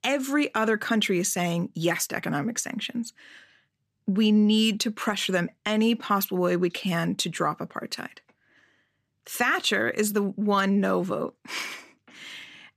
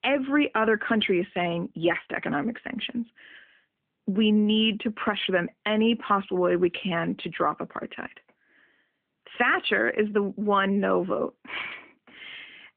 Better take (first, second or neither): first